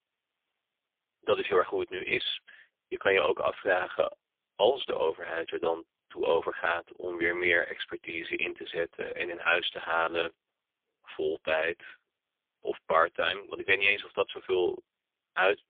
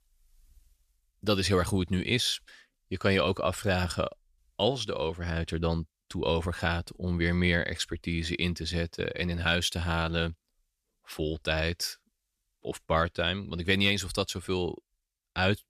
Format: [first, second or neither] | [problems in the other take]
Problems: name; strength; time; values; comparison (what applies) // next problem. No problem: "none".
second | phone-call audio; poor line; nothing above 3.5 kHz